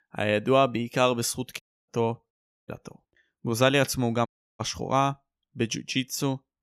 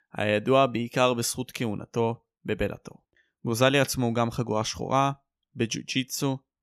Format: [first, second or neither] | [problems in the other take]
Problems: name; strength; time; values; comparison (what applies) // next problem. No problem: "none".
second | audio cutting out; at 1.5 s, at 2.5 s and at 4.5 s